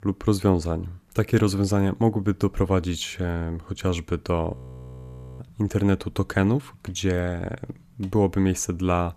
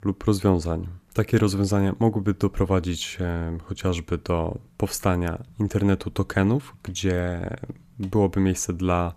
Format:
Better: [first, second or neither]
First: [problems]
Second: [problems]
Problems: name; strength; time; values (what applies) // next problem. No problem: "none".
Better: second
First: audio freezing; at 4.5 s for 1 s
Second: none